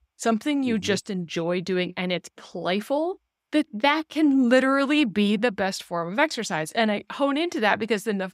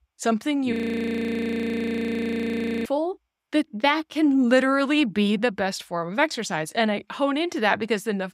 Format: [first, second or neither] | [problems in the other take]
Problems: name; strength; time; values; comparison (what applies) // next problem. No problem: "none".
first | audio freezing; at 0.5 s for 2 s